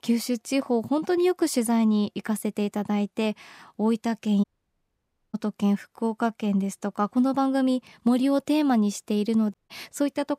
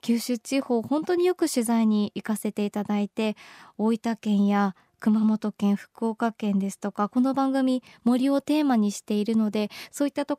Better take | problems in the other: second | audio cutting out; at 4.5 s for 1 s and at 9.5 s

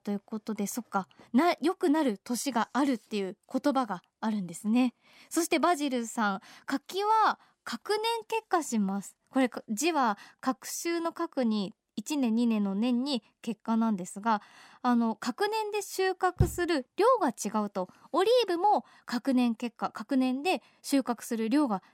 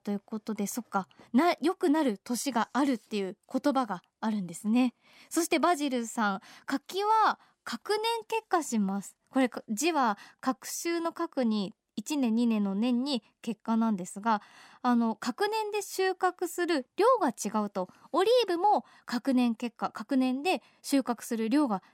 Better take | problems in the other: second | door banging; noticeable; at 16 s; peak 2 dB below the speech

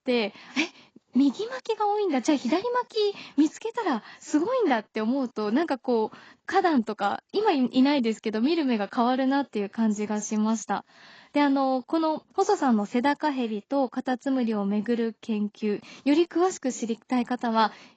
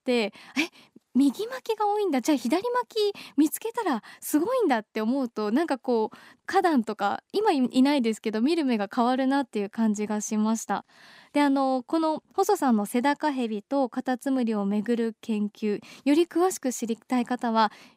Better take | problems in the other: second | garbled, watery; badly; nothing above 7.5 kHz

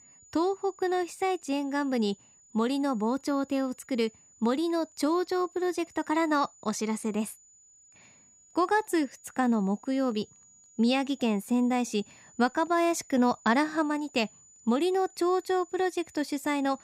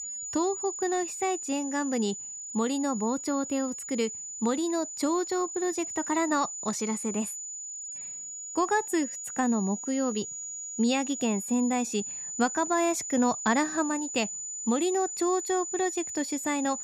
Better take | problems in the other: first | high-pitched whine; loud; throughout; 7 kHz, 6 dB below the speech; faint in the first

